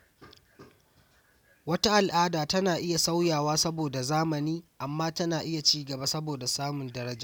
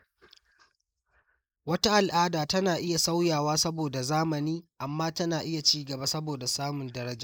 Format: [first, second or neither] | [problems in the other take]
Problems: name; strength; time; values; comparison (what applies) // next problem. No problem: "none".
first | noise reduction (neural mask model Resemble Enhance denoiser)